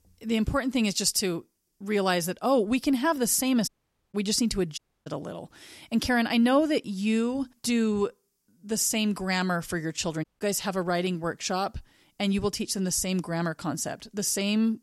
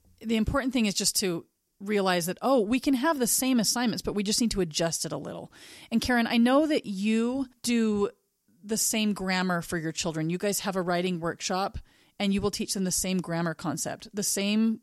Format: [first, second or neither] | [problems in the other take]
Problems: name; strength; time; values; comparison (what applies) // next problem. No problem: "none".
second | audio cutting out; at 3.5 s, at 5 s and at 10 s